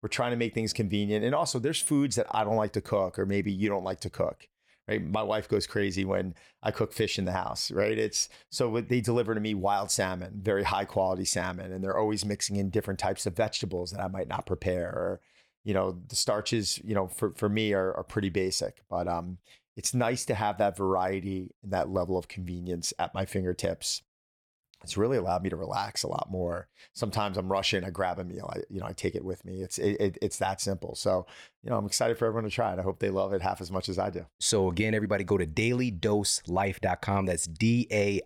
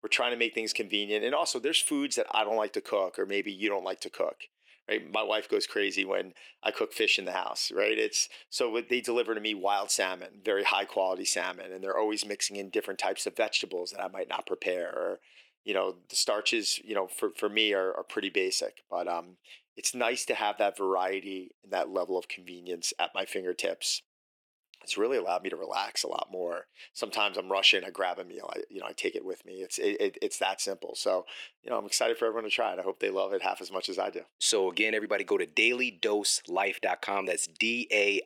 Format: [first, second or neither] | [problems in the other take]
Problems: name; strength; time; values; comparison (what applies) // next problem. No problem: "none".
first | thin; somewhat; fading below 350 Hz